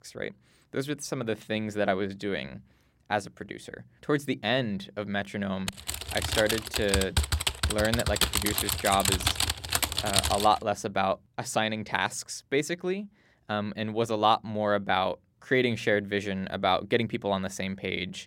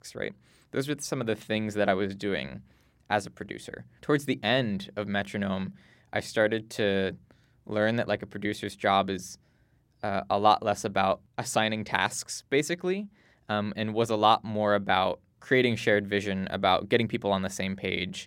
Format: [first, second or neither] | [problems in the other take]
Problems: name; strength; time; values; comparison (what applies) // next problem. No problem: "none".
second | keyboard typing; loud; from 5.5 to 10 s; peak 4 dB above the speech